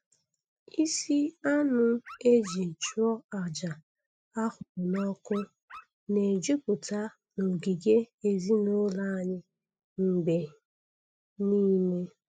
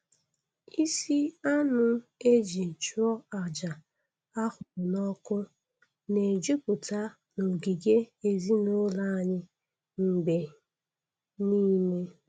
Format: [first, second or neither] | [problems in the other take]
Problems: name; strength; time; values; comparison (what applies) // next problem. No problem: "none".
second | noise reduction (classical method spectral subtraction)